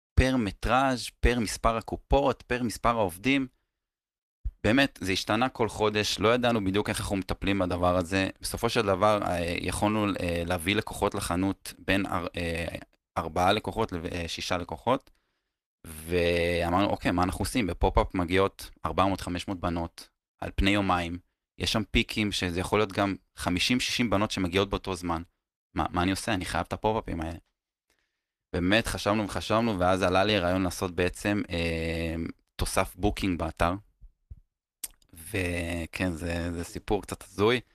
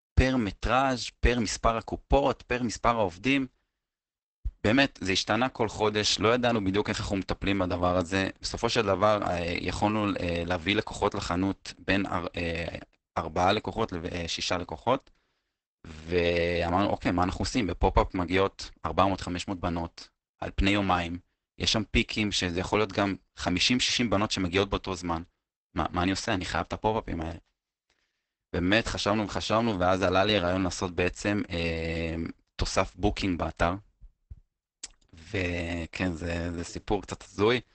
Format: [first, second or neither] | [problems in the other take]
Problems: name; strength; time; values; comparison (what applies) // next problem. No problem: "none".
first | garbled, watery; badly; nothing above 8 kHz; slightly in the first